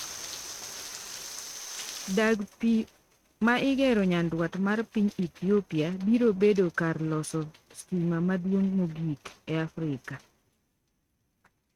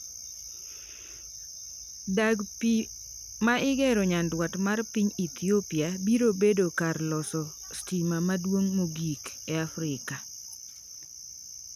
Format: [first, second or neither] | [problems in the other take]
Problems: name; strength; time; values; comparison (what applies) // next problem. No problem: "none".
second | noise reduction (neural mask model RNNoise)